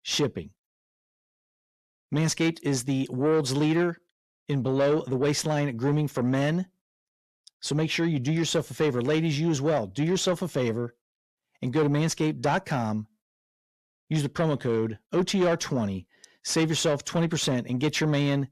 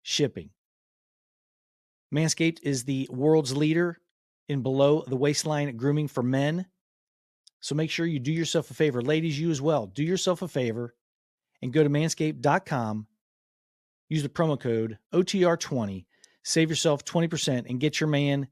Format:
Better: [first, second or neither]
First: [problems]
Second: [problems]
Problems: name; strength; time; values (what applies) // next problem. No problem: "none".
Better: second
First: distortion; slight; 10 dB below the speech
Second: none